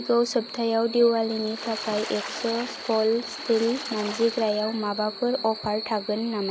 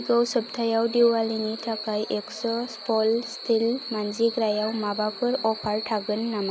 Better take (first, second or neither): second